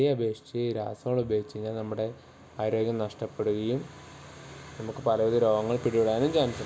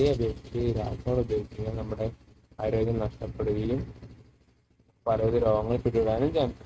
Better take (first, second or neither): first